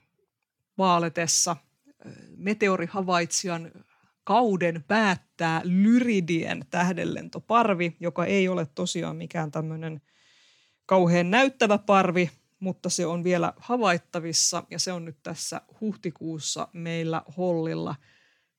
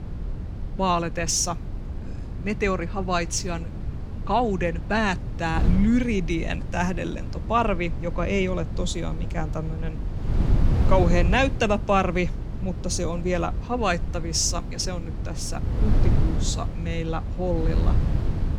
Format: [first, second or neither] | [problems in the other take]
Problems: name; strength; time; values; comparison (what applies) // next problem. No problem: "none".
first | wind noise on the microphone; occasional gusts; 15 dB below the speech